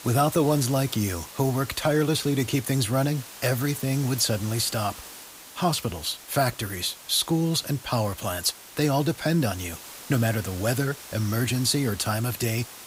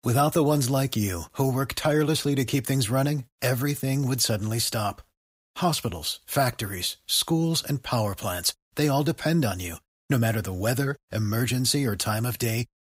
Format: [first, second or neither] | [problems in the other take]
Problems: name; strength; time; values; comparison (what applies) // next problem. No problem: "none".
second | hiss; noticeable; throughout; 15 dB below the speech